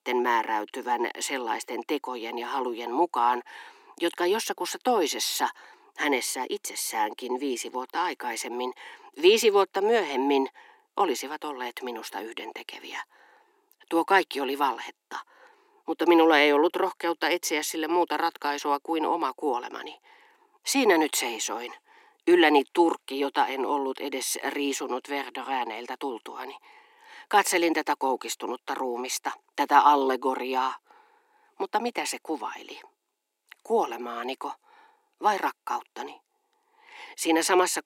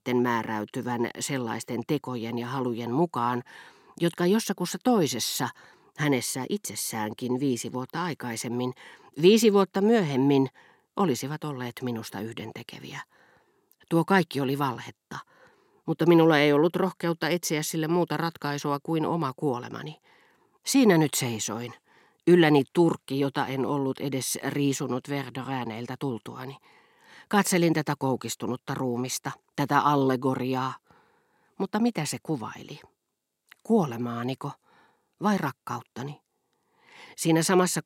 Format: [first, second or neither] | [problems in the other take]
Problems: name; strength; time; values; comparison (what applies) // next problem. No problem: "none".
second | thin; somewhat; fading below 300 Hz